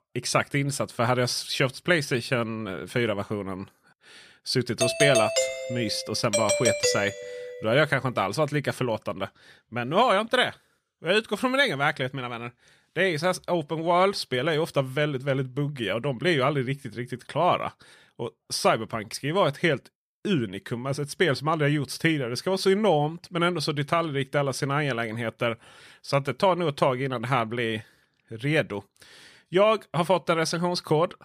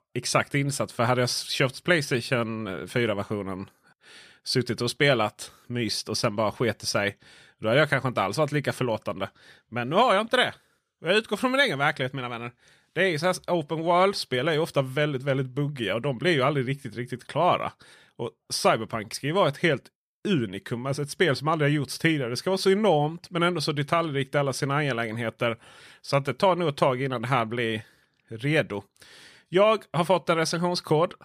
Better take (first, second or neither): second